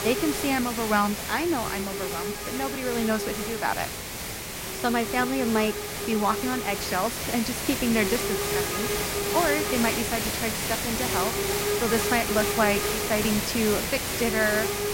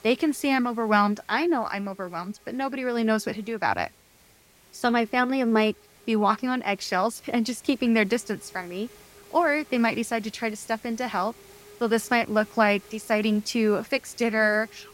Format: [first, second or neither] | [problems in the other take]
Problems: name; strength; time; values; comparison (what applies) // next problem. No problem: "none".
second | hiss; loud; throughout; 1 dB below the speech; faint in the second